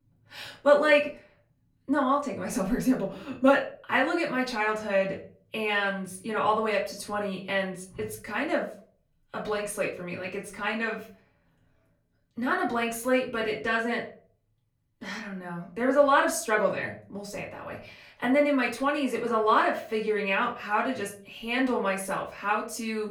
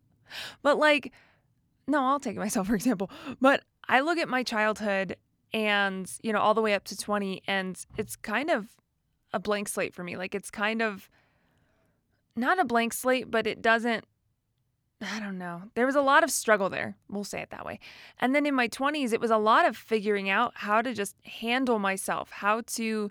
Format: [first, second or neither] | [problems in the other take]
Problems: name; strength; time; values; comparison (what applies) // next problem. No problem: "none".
second | room echo; slight; dies away in 0.4 s // off-mic speech; far